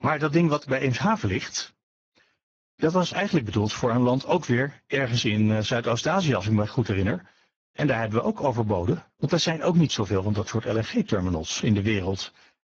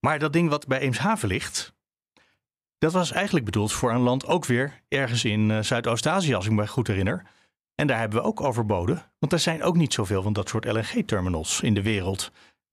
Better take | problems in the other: second | garbled, watery; badly; nothing above 6.5 kHz

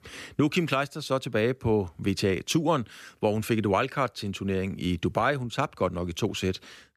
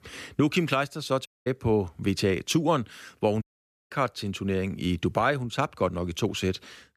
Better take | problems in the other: first | audio cutting out; at 1.5 s and at 3.5 s

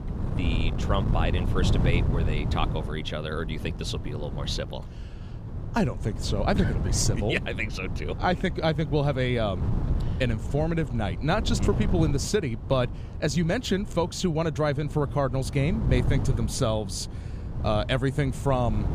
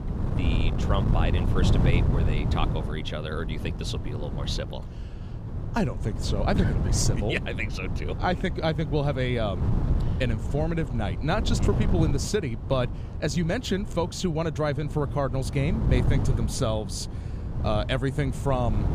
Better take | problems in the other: first | wind noise on the microphone; heavy; 8 dB below the speech; occasional gusts in the first

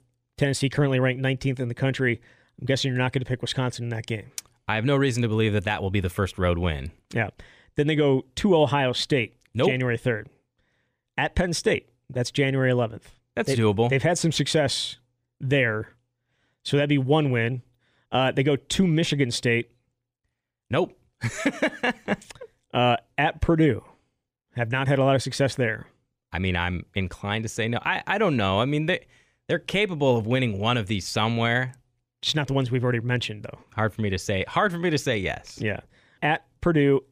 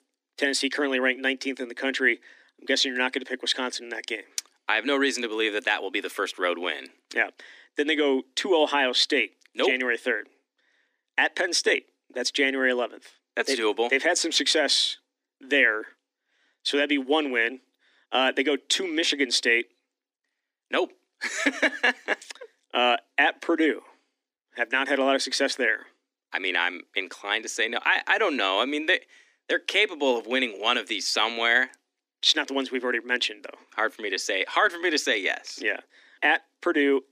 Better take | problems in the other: first | thin; somewhat; fading below 250 Hz

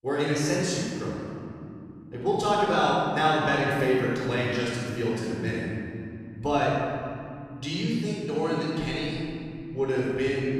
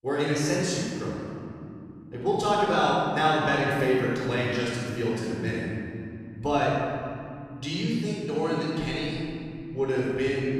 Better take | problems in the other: neither | room echo; strong; dies away in 3 s; the same in both // off-mic speech; far; the same in both

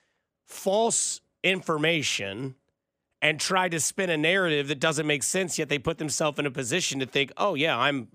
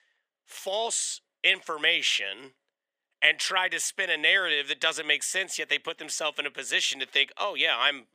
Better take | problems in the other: first | thin; very; fading below 550 Hz

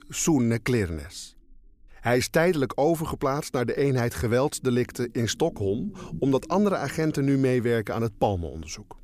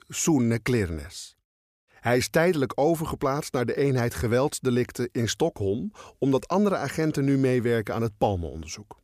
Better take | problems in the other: second | low rumble; faint; throughout; 25 dB below the speech

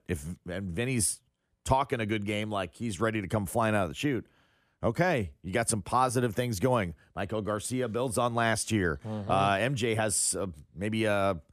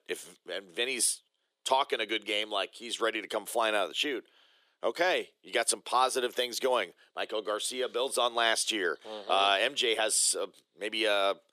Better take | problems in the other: first | thin; very; fading below 400 Hz

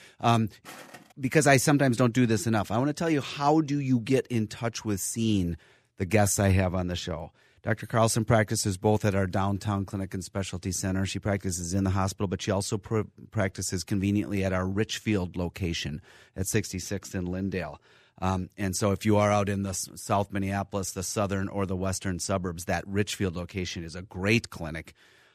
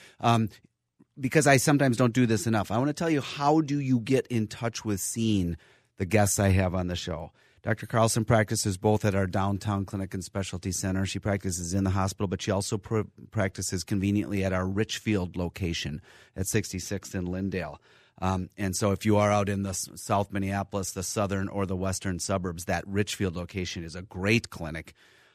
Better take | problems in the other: second | footsteps; faint; at 0.5 s; peak 15 dB below the speech

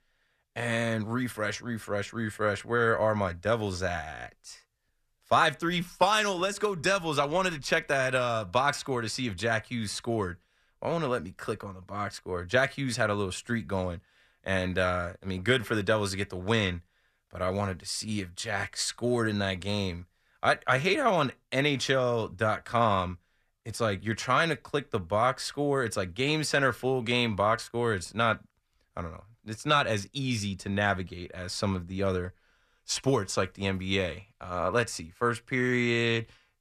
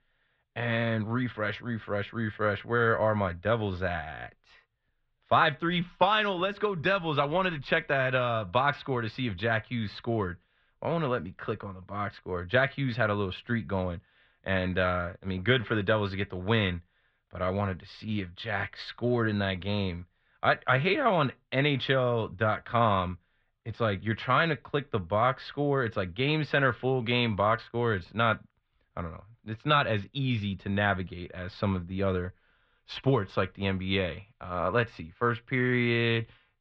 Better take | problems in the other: first | muffled; slightly; fading above 3.5 kHz

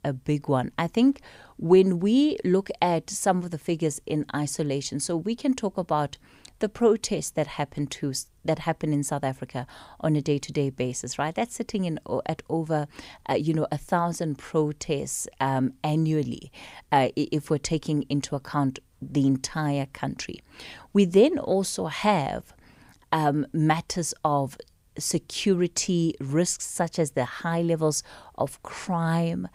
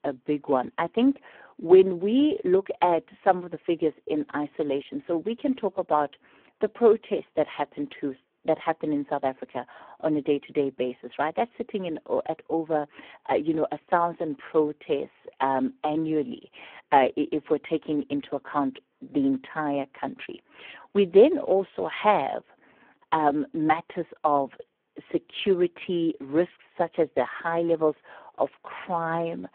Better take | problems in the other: first | phone-call audio; poor line

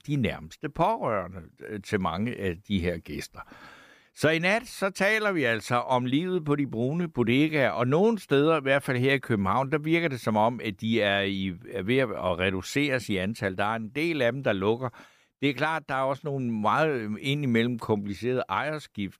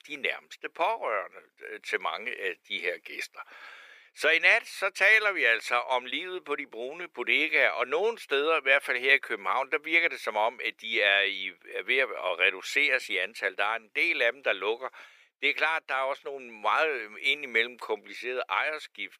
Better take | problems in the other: first | thin; very; fading below 450 Hz

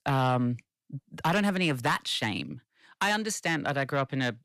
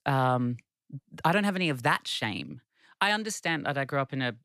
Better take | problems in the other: second | distortion; slight; 10 dB below the speech

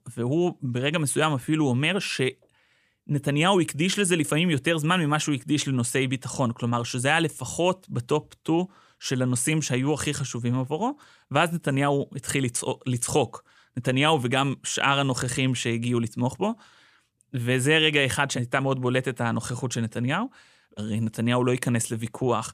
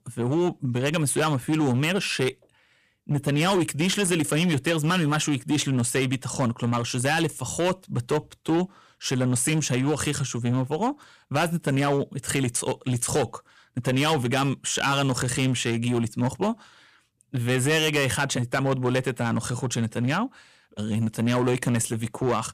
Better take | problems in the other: first | distortion; slight; 9% of the sound clipped

